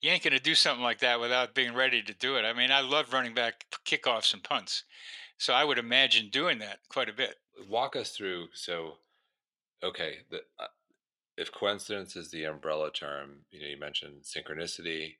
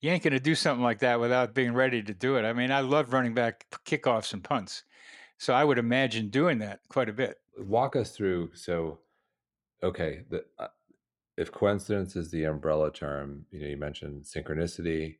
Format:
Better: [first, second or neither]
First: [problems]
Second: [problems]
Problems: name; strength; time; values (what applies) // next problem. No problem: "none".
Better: second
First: thin; somewhat; fading below 900 Hz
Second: none